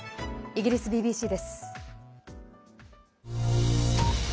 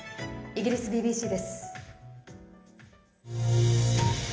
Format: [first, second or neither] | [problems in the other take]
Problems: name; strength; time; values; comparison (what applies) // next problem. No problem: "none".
first | room echo; dies away in 0.8 s